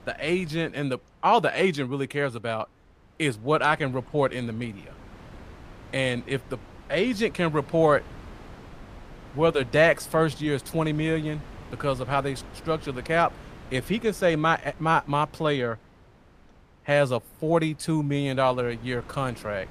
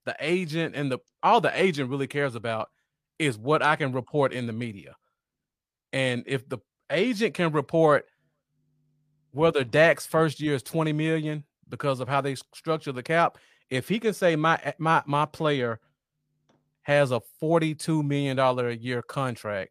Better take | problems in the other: second | wind noise on the microphone; occasional gusts; 25 dB below the speech

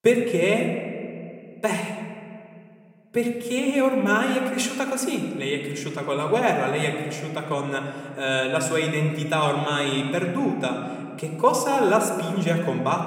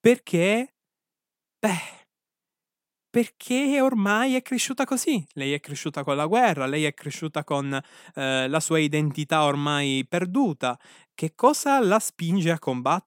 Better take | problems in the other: second | room echo; slight; dies away in 1.8 s

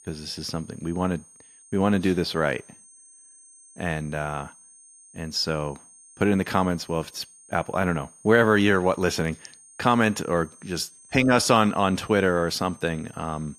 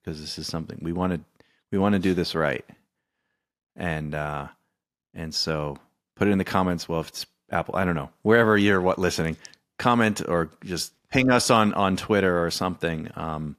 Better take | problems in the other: second | high-pitched whine; faint; throughout; 8.5 kHz, 25 dB below the speech

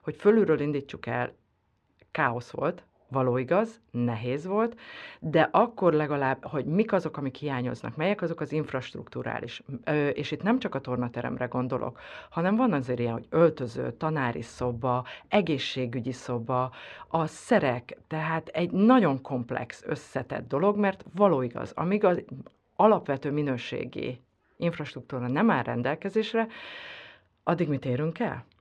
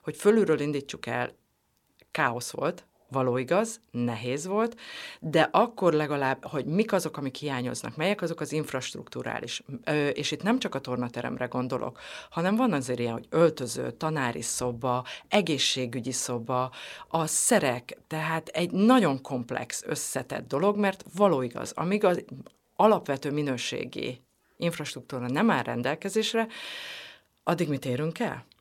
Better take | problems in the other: second | muffled; very; fading above 2.5 kHz

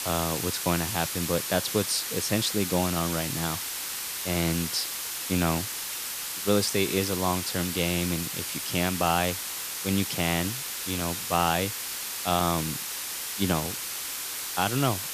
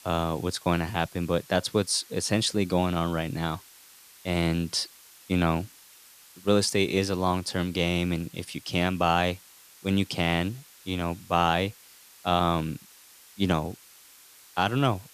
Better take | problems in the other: second | hiss; loud; throughout; 2 dB below the speech; faint in the second

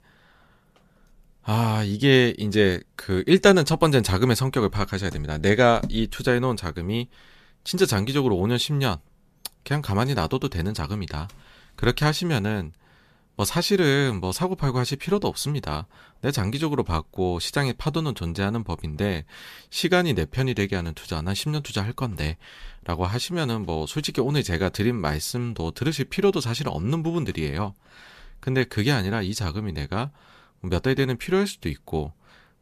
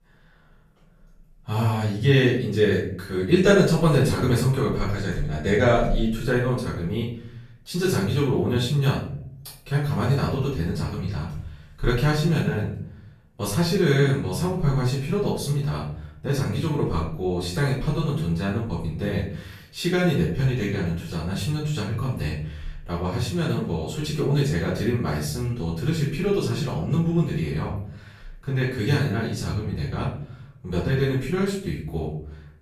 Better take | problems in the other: first | off-mic speech; far // room echo; noticeable; dies away in 0.6 s

